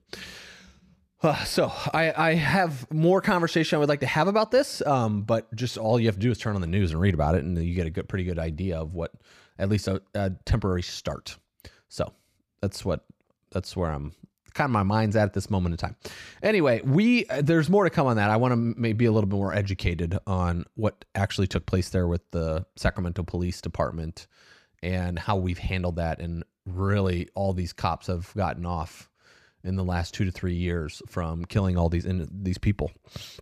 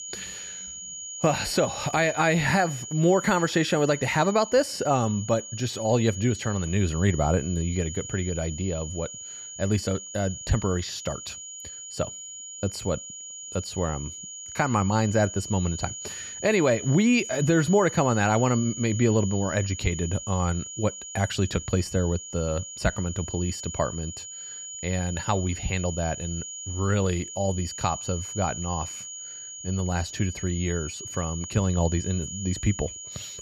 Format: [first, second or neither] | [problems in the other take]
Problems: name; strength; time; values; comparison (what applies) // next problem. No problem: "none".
first | high-pitched whine; loud; throughout; 7 kHz, 9 dB below the speech